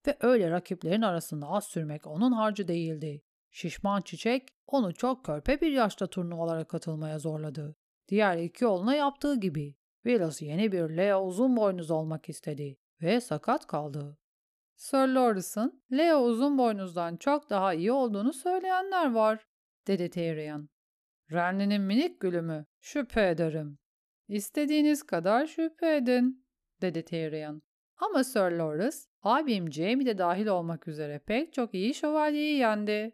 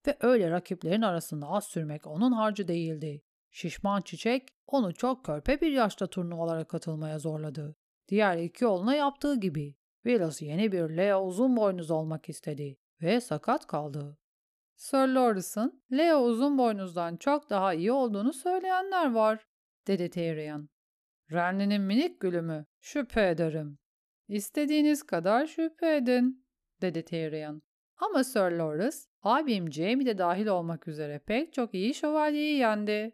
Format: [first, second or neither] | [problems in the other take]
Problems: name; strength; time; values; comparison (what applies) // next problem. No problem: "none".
neither | none